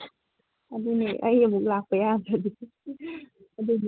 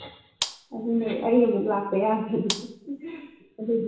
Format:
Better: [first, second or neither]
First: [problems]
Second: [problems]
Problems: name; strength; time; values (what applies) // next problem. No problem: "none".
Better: first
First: none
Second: background sound (Gunshot, gunfire); 11 dB below the speech // room echo; dies away in 0.8 s